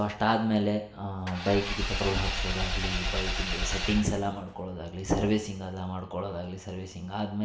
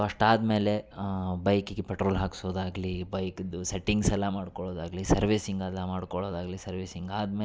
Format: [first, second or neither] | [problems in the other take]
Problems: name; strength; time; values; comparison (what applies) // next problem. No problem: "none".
second | background sound (Engine / Vehicle); 2 dB below the speech // room echo; dies away in 0.7 s